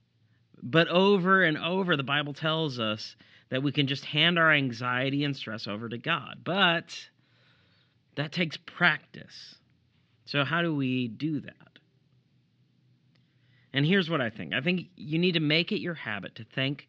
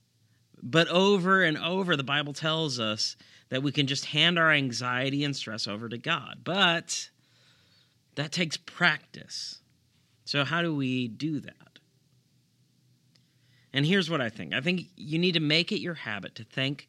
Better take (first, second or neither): second